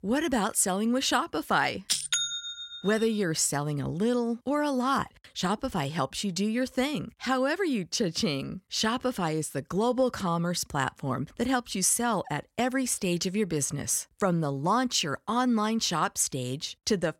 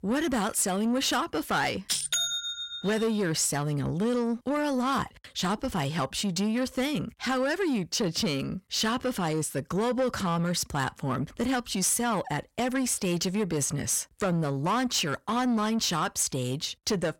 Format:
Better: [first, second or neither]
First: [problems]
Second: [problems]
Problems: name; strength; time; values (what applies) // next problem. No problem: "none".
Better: first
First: none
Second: distortion; slight; 10 dB below the speech